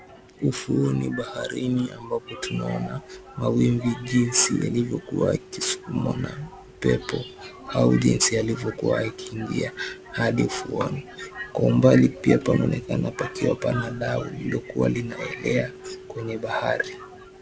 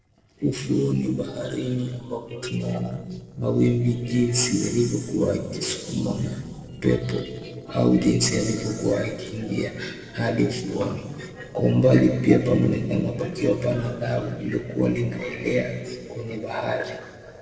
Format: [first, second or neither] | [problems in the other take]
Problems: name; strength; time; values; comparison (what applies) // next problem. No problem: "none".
first | noise reduction (neural separator model SepFormer DNS4)